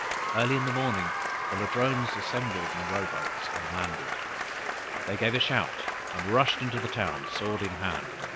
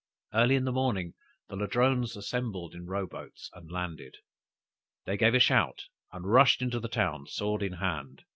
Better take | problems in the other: second | background sound (Applause); 1 dB below the speech

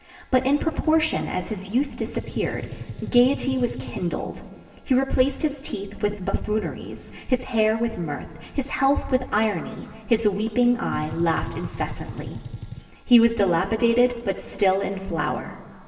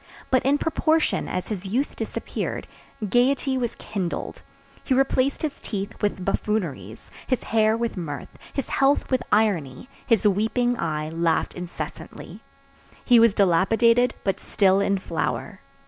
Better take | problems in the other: second | background sound (Gunshot, gunfire); 12 dB below the speech // room echo; dies away in 2.3 s

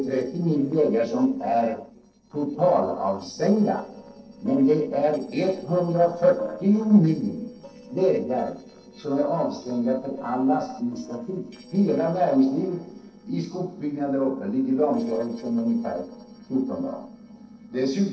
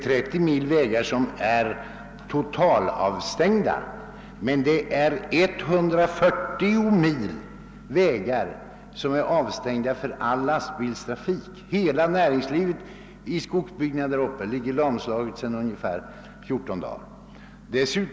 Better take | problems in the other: second | noise reduction (neural separator model SepFormer DNS4)

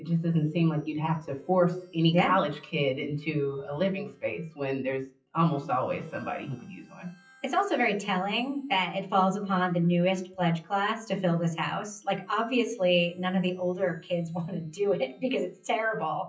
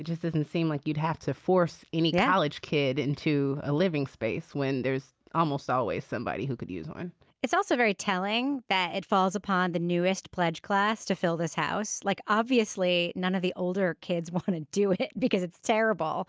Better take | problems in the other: second | noise reduction (classical method WPE with log-MMSE)

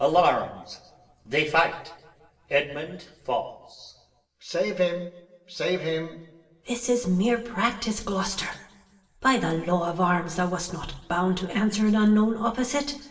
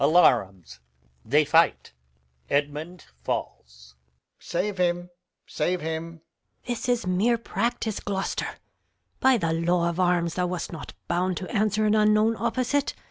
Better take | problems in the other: second | room echo; dies away in 0.9 s

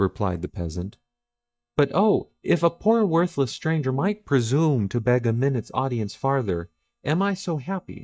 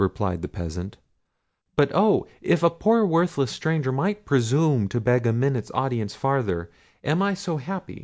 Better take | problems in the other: second | noise reduction (neural mask model DeepFilterNet 3)

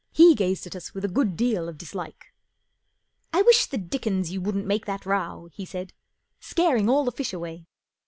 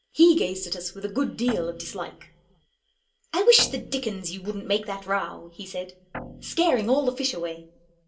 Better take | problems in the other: first | background sound (Guitar); 15 dB below the speech // room echo; dies away in 0.2 s

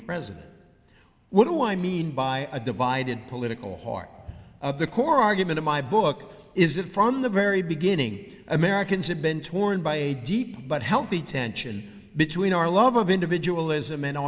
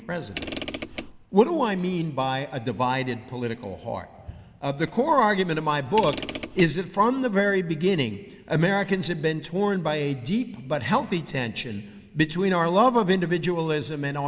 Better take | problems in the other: first | background sound (Mechanisms / Car); 11 dB below the speech

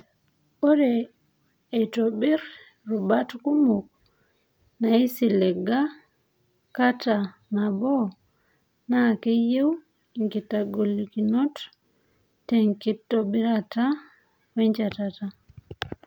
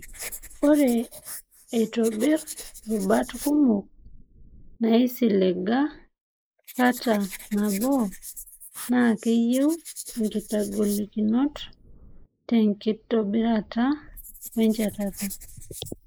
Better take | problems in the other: first | noise reduction (neural mask model Resemble Enhance denoiser)

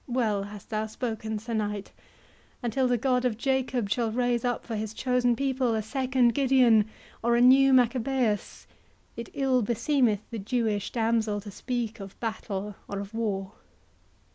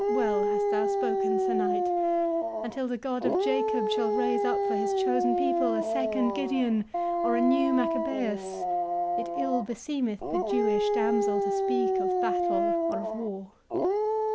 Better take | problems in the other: first | background sound (Dog); 4 dB above the speech

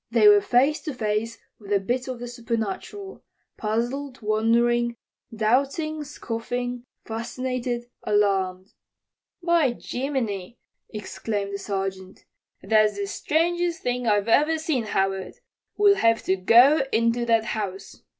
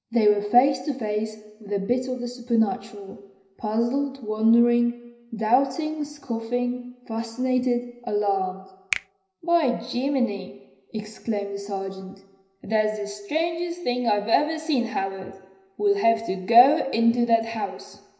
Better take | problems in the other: first | background sound (Finger snapping); 14 dB below the speech // room echo; dies away in 0.9 s

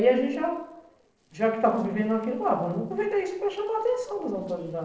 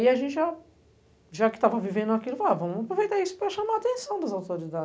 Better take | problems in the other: second | noise reduction (neural separator model SepFormer DNS4)

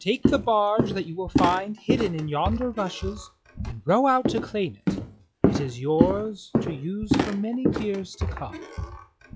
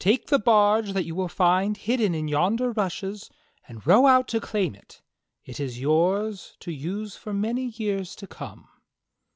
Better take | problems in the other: second | noise reduction (classical method log-MMSE)

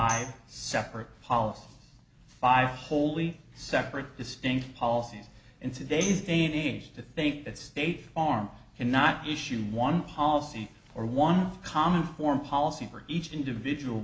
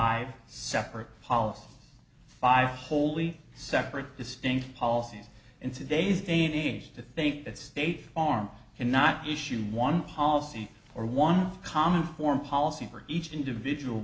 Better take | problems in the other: second | background sound (Tambourine); 15 dB below the speech

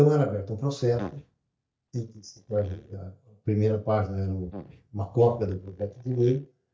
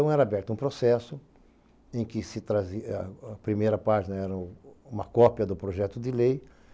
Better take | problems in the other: second | noise reduction (neural mask model DeepFilterNet 3)

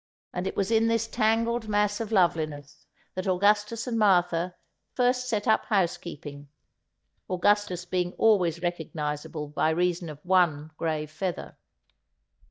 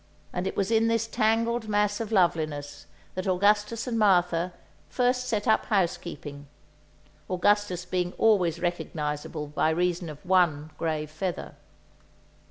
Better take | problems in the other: second | noise reduction (neural mask model DeepFilterNet 3)

